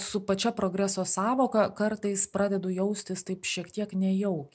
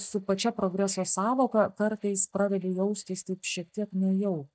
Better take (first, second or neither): first